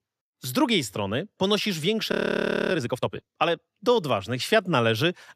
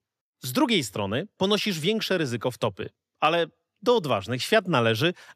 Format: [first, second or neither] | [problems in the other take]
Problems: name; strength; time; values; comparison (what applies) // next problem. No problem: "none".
second | audio freezing; at 2 s for 0.5 s